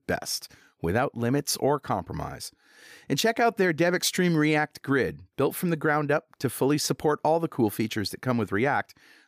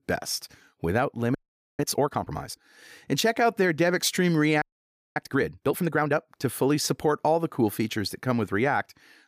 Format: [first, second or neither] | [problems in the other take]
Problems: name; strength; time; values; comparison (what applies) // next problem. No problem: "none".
first | audio freezing; at 1.5 s and at 4.5 s for 0.5 s